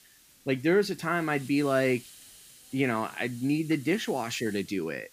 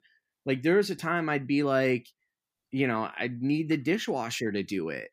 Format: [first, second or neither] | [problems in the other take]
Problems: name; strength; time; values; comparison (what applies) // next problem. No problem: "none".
second | hiss; faint; throughout; 20 dB below the speech